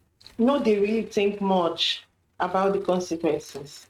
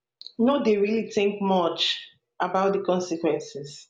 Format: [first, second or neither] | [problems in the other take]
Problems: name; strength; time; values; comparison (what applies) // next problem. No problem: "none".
second | noise reduction (neural mask model RNNoise)